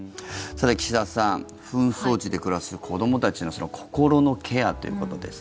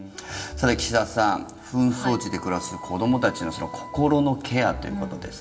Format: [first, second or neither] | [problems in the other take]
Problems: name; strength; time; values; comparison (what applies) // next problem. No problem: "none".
first | background sound (Wind instrument, woodwind instrument); 17 dB below the speech // room echo; dies away in 1.5 s